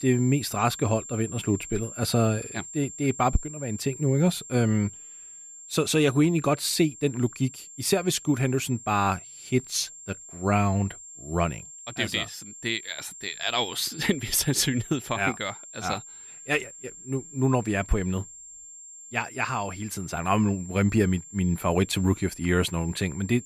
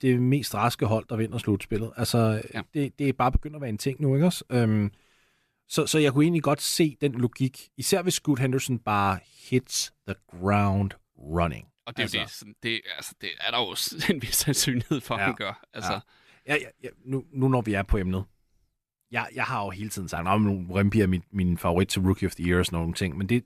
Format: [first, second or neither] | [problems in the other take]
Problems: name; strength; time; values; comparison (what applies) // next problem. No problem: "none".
second | high-pitched whine; noticeable; throughout; 7.5 kHz, 15 dB below the speech